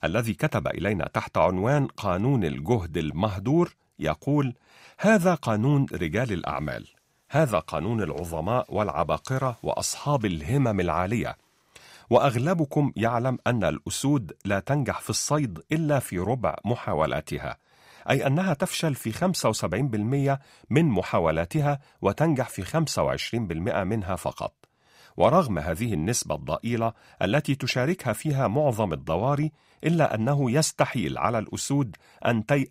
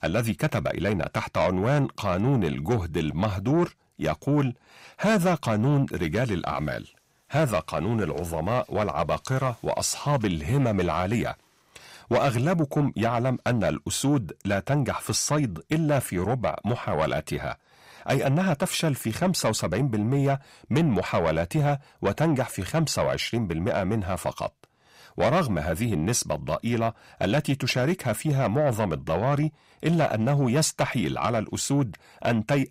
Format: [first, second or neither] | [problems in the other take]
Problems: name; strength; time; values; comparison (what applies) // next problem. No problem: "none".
first | distortion; slight; 10 dB below the speech